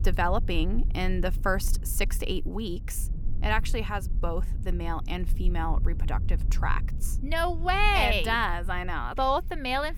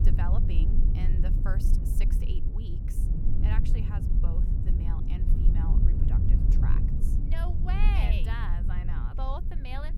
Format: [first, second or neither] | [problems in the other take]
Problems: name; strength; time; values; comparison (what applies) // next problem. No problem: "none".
first | low rumble; loud; throughout; 2 dB below the speech; faint in the first